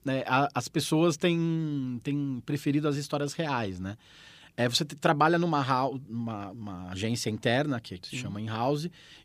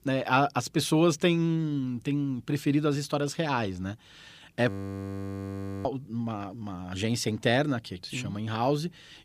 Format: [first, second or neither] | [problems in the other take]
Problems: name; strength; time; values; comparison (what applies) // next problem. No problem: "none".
first | audio freezing; at 4.5 s for 1 s